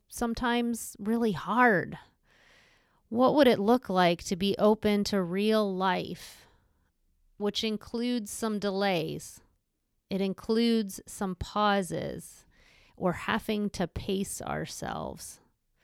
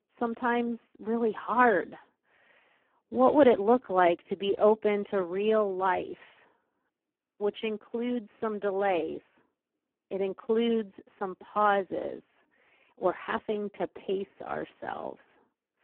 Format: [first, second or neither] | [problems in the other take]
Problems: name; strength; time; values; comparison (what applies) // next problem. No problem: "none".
first | phone-call audio; poor line